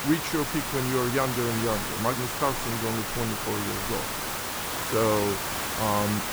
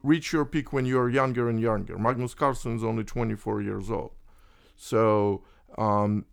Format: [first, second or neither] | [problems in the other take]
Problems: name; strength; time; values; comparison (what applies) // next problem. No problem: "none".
second | hiss; loud; throughout; 1 dB below the speech